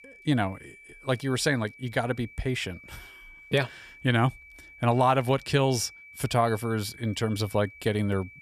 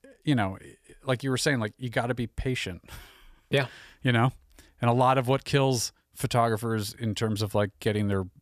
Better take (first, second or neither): second